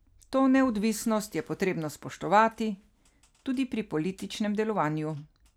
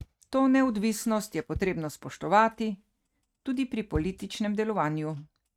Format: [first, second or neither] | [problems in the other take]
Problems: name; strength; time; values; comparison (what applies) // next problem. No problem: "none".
first | noise reduction (neural mask model RNNoise)